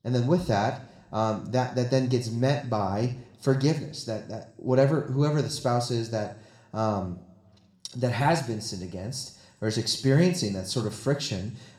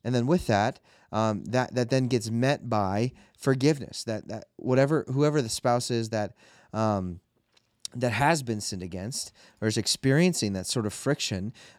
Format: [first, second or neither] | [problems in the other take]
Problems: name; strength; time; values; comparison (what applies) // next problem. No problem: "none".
second | room echo; slight; dies away in 0.5 s